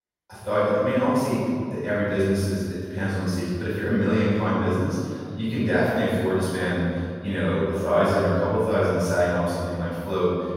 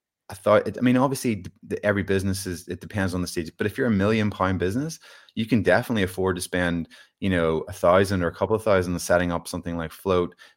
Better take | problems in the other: second | off-mic speech; far // room echo; strong; dies away in 2.3 s

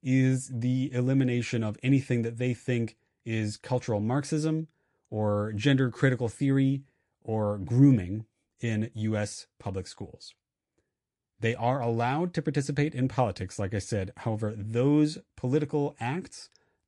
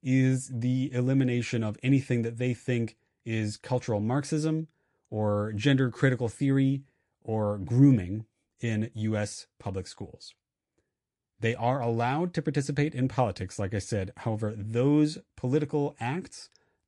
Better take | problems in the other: neither | garbled, watery; slightly; the same in both

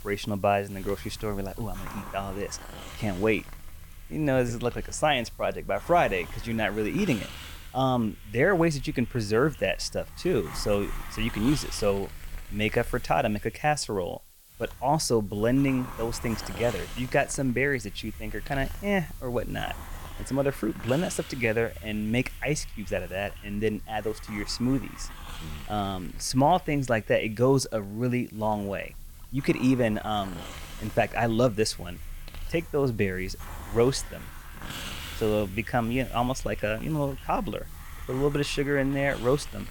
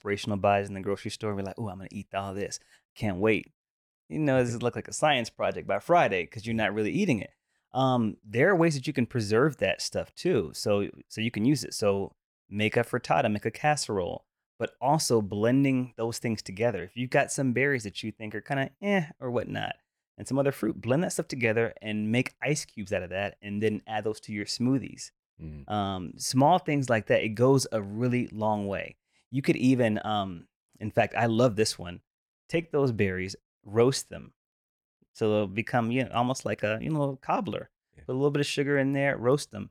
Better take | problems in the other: second | hiss; noticeable; throughout; 15 dB below the speech

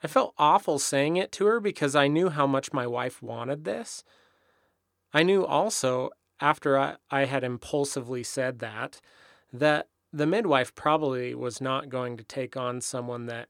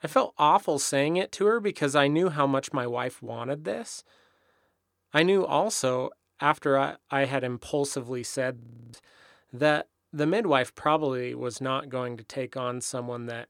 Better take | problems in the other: first | audio freezing; at 8.5 s

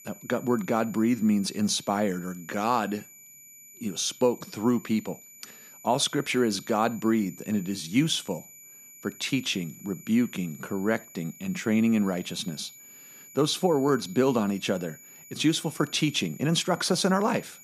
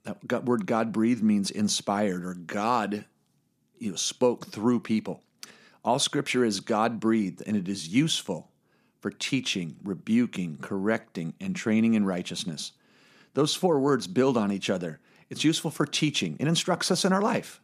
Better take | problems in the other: second | high-pitched whine; noticeable; throughout; 7 kHz, 20 dB below the speech

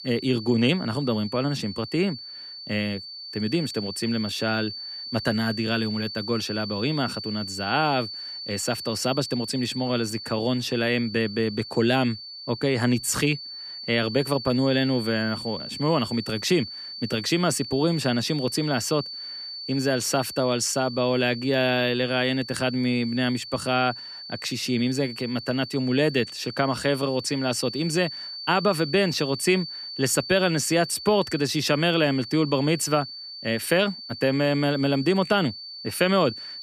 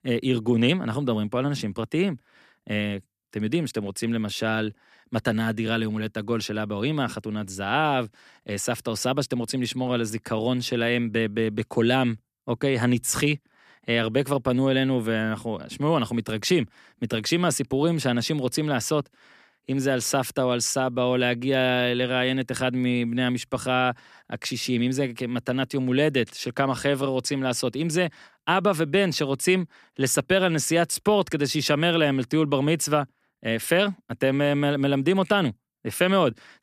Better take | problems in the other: second | high-pitched whine; loud; throughout; 4.5 kHz, 10 dB below the speech

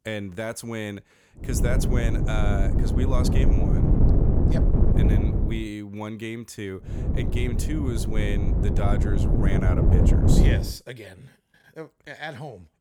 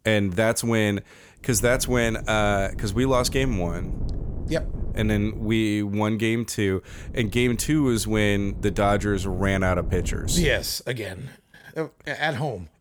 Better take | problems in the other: second | wind noise on the microphone; heavy; from 1.5 to 5.5 s and from 7 to 11 s; 1 dB above the speech; occasional gusts in the second

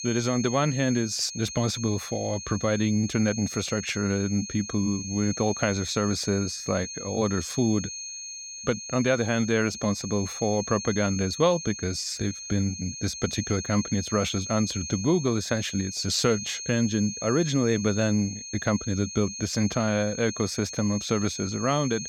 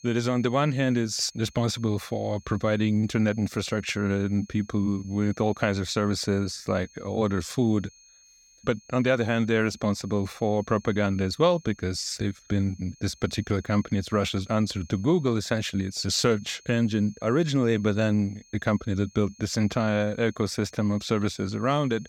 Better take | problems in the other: second | high-pitched whine; loud; throughout; 6.5 kHz, 8 dB below the speech; faint in the second

